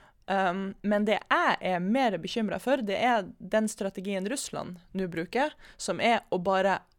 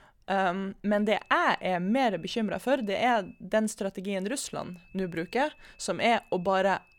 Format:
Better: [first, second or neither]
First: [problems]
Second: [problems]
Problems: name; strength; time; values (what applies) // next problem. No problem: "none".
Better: first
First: none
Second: high-pitched whine; faint; from 1 to 3.5 s and from 4.5 s on; 2.5 kHz, 30 dB below the speech